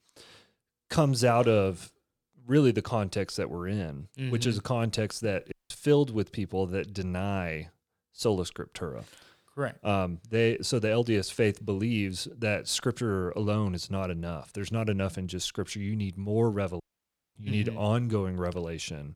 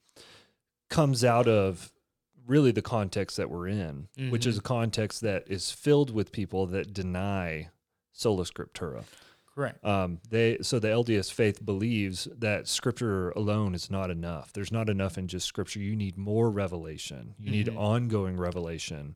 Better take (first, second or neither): second